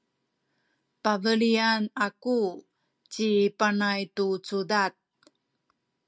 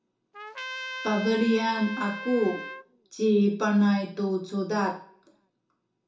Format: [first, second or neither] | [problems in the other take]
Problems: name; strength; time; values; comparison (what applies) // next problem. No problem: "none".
first | background sound (Trumpet); 11 dB below the speech // room echo; dies away in 0.6 s